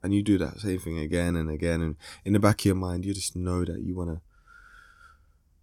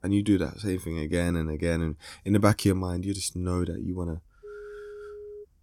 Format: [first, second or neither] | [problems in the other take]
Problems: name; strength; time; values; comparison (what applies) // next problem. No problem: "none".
first | phone ringing; faint; from 4.5 s on; peak 15 dB below the speech